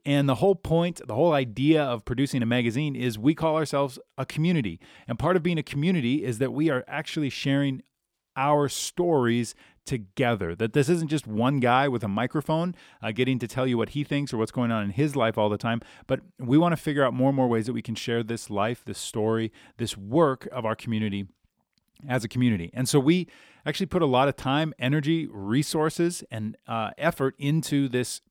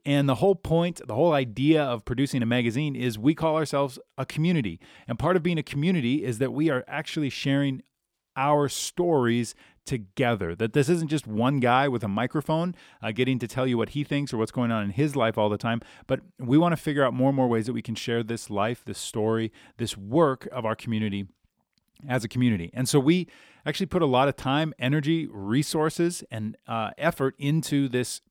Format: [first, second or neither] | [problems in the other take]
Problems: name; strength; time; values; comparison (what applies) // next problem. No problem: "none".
neither | none